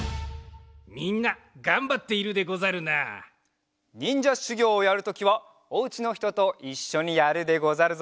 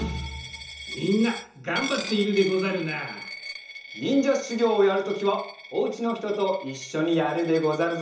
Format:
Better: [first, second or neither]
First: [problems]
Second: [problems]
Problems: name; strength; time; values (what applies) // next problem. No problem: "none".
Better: first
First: none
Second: background sound (Coin (dropping)); 14 dB below the speech // room echo; dies away in 0.6 s